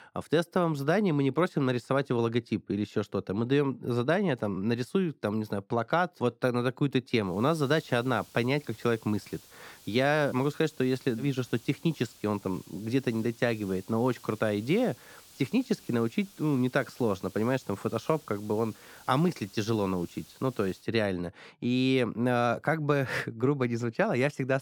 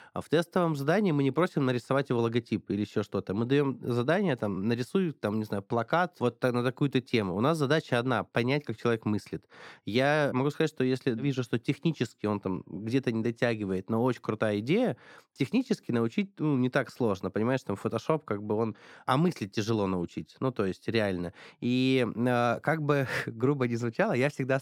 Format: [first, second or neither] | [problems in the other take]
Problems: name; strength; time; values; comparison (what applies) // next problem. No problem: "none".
second | hiss; faint; from 7.5 to 21 s; 25 dB below the speech